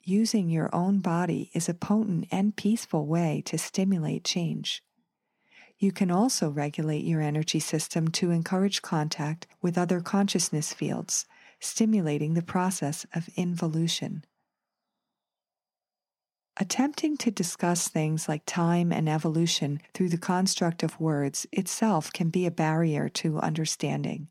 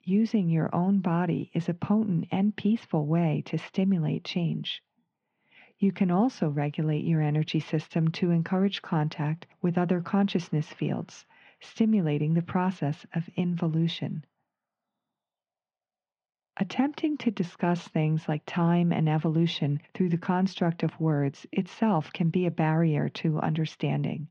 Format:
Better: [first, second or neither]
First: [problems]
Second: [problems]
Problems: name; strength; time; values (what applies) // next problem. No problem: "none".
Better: first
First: none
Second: muffled; very; fading above 3.5 kHz